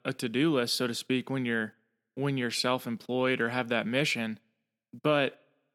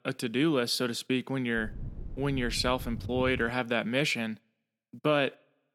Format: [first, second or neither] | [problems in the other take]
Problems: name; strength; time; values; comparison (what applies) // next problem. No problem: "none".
first | wind noise on the microphone; occasional gusts; from 1.5 to 3.5 s; 25 dB below the speech